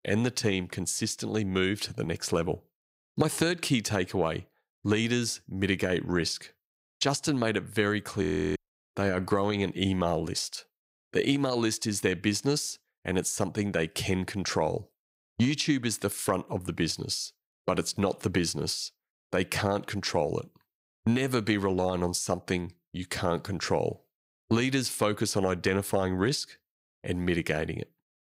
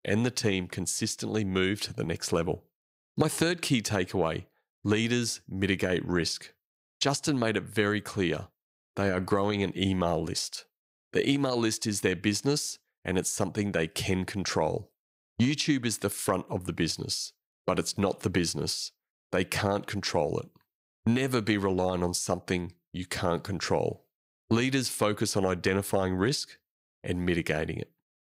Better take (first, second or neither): second